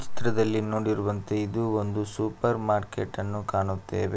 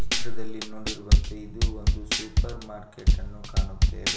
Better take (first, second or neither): first